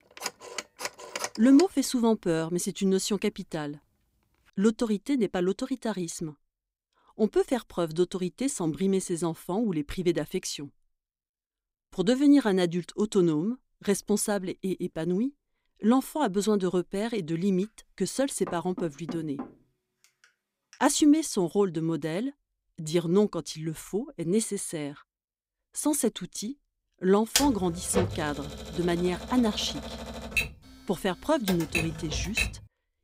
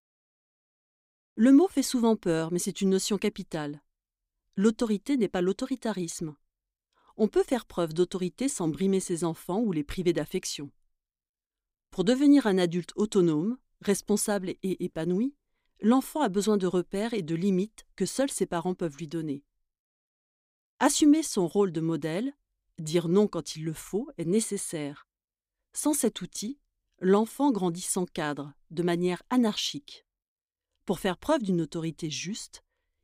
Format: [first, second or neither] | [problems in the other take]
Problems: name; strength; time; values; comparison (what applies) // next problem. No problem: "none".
second | phone ringing; noticeable; until 1.5 s; peak 7 dB below the speech // door banging; faint; from 18 to 21 s; peak 10 dB below the speech // keyboard typing; loud; from 27 to 32 s; peak 1 dB above the speech